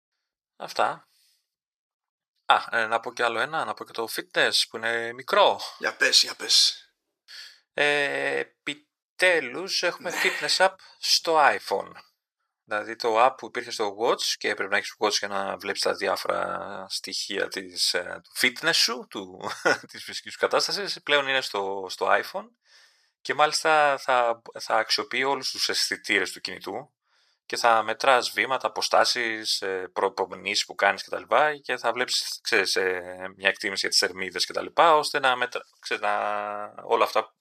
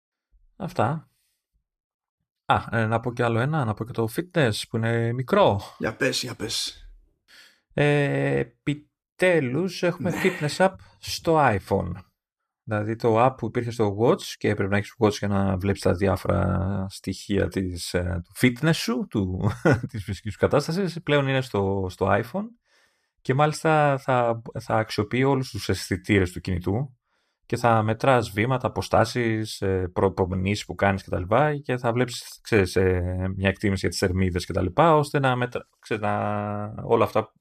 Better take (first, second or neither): second